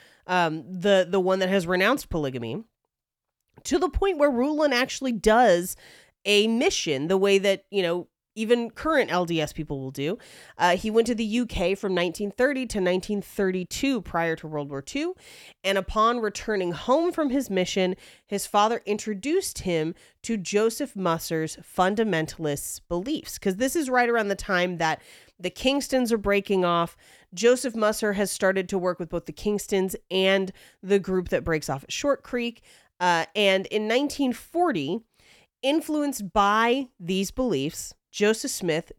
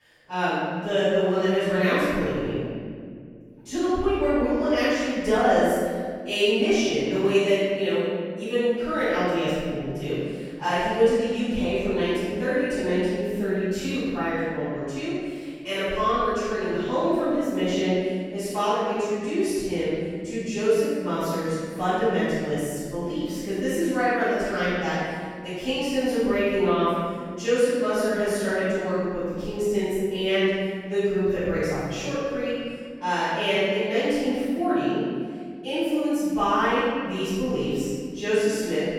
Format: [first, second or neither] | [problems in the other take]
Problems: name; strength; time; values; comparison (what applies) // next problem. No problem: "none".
first | off-mic speech; far // room echo; strong; dies away in 2 s